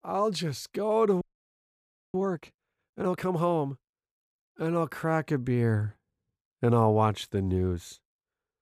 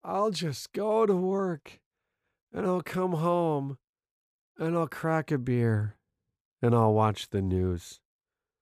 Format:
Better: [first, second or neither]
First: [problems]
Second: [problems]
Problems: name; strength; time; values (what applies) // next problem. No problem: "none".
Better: second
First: audio freezing; at 1 s for 1 s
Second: none